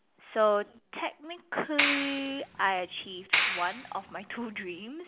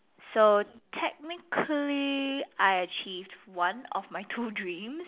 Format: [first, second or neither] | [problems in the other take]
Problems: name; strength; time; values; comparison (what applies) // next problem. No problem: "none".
second | background sound (Clapping); as loud as the speech